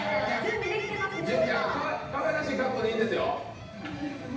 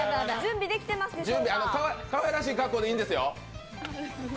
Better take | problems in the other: second | background sound (Bird); 14 dB below the speech // room echo; dies away in 0.9 s

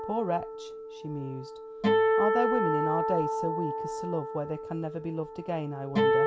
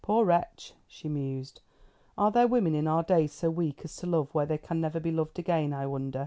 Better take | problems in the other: second | background sound (Acoustic guitar); 4 dB above the speech

